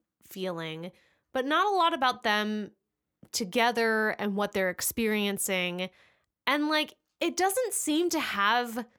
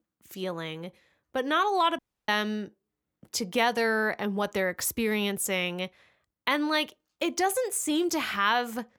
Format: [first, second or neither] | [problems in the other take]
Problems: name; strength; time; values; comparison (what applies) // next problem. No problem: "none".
first | audio cutting out; at 2 s